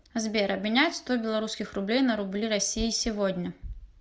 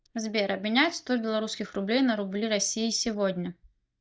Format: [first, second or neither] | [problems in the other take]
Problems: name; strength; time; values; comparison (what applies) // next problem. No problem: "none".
first | noise reduction (neural mask model DeepFilterNet 3)